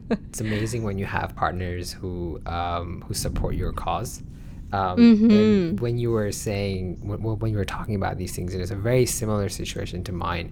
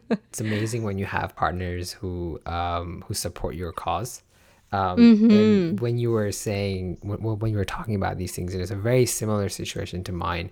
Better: second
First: wind noise on the microphone; occasional gusts; 20 dB below the speech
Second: none

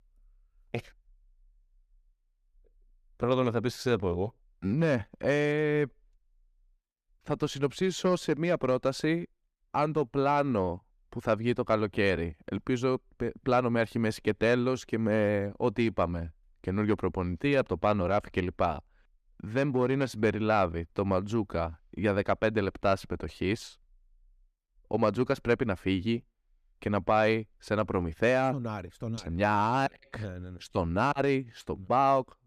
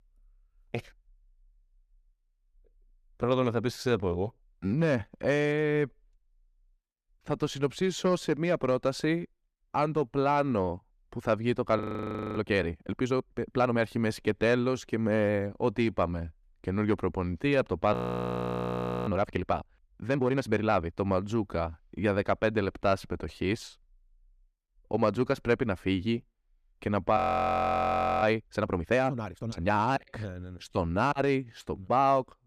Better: first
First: none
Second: audio freezing; at 12 s for 0.5 s, at 18 s for 1 s and at 27 s for 1 s

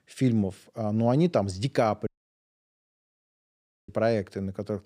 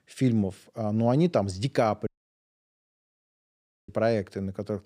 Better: neither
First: audio cutting out; at 2 s for 2 s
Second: audio cutting out; at 2 s for 2 s

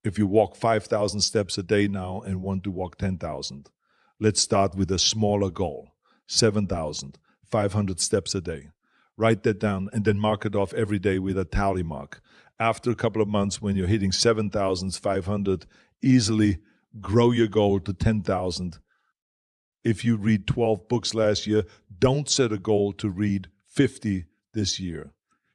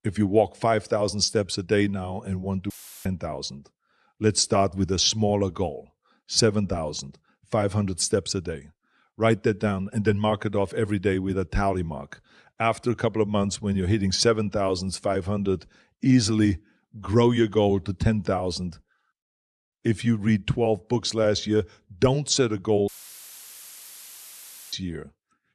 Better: first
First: none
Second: audio cutting out; filled with static; at 2.5 s and at 23 s for 2 s

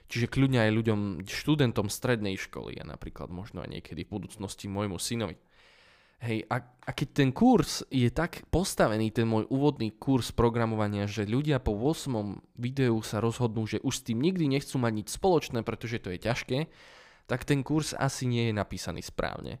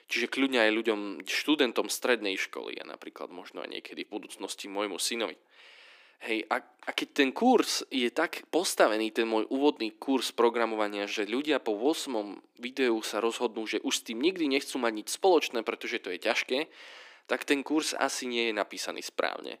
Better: first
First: none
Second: thin; somewhat; fading below 300 Hz

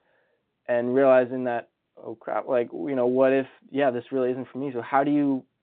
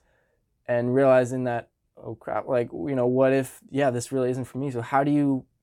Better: second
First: phone-call audio; nothing above 3.5 kHz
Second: none

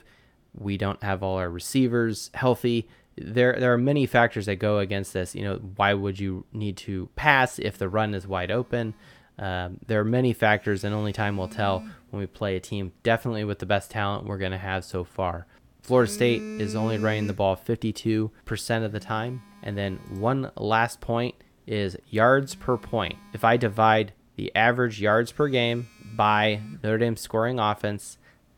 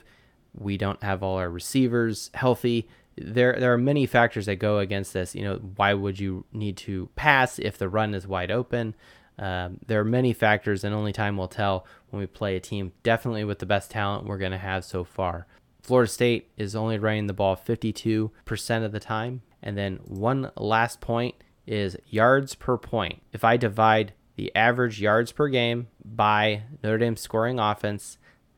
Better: second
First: alarms or sirens; noticeable; throughout; 15 dB below the speech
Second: none

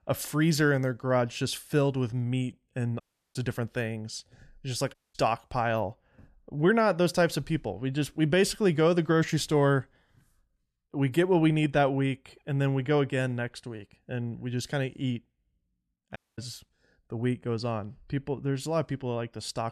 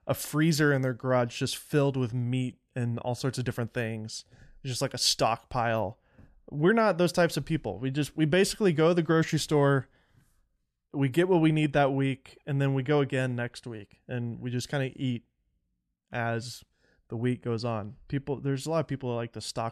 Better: second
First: audio cutting out; at 3 s, at 5 s and at 16 s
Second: none

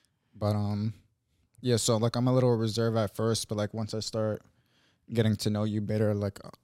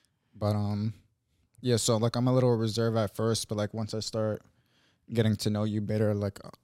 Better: neither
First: none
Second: none

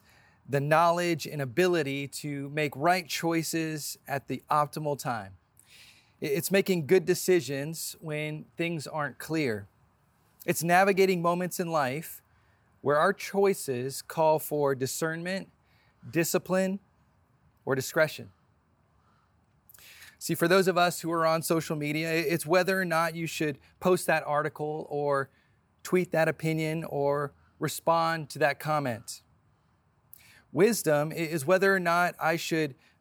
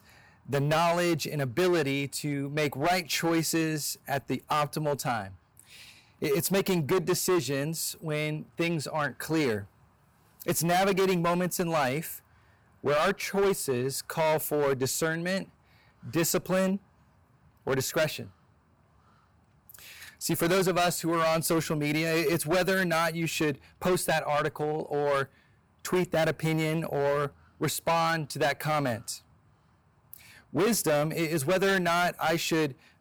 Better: first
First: none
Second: distortion; heavy; 11% of the sound clipped

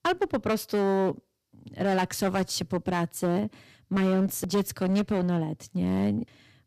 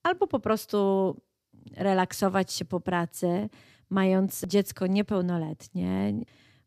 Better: second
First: distortion; slight; 10% of the sound clipped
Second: none

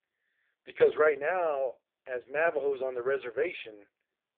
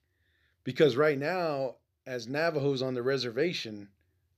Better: second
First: phone-call audio; poor line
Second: none

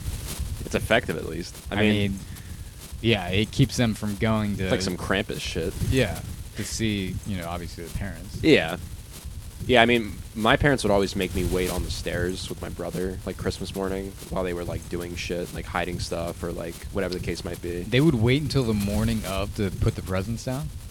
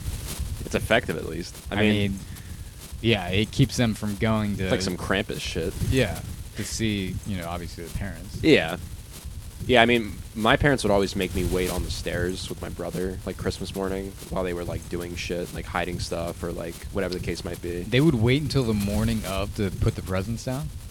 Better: neither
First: wind noise on the microphone; occasional gusts; 15 dB below the speech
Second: wind noise on the microphone; occasional gusts; 15 dB below the speech

